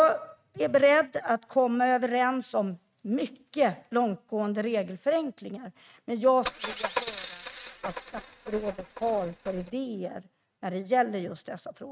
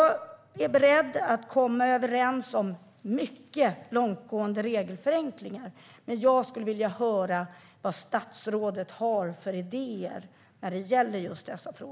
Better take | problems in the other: second | noise reduction (neural mask model RNNoise)

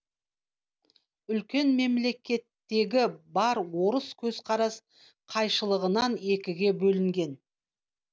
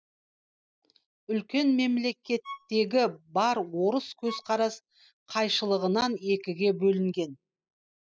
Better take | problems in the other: first | noise reduction (classical method spectral subtraction)

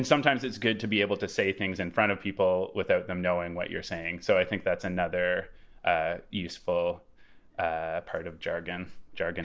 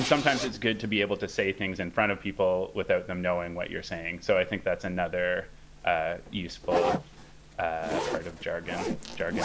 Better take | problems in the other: first | background sound (Zipper (clothing)); 8 dB below the speech

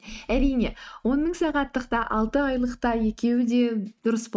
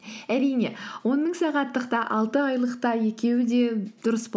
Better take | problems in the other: second | noise reduction (neural mask model RNNoise)

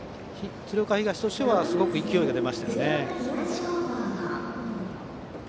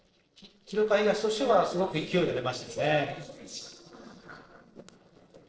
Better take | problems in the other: first | noise reduction (neural separator model SepFormer DNS4)

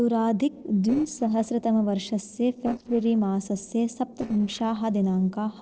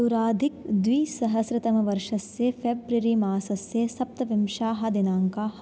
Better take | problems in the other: second | noise reduction (neural separator model SepFormer DNS4)

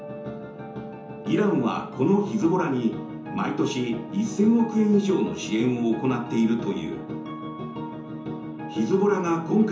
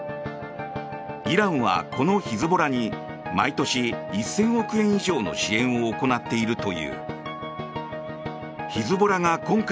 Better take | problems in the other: second | room echo; dies away in 0.6 s

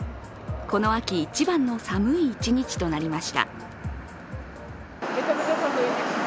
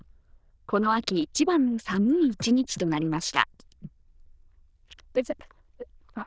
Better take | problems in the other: first | noise reduction (neural diffusion model UNIVERSE++)

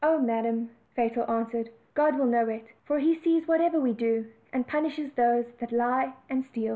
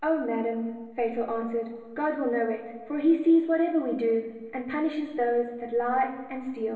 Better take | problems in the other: first | room echo; dies away in 1.3 s

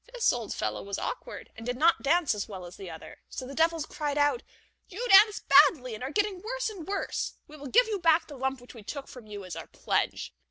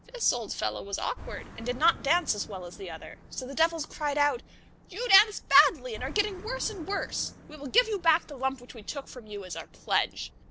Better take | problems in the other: first | background sound (Car passing by); 18 dB below the speech

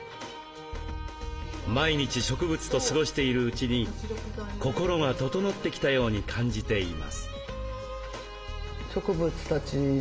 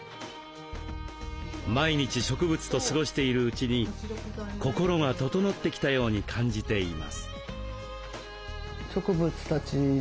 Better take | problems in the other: second | room echo; dies away in 1 s

